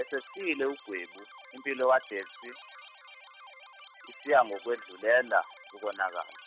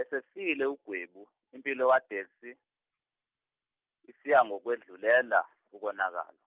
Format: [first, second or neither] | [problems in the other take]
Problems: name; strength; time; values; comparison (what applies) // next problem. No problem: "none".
second | background sound (Keyboard (musical)); 19 dB below the speech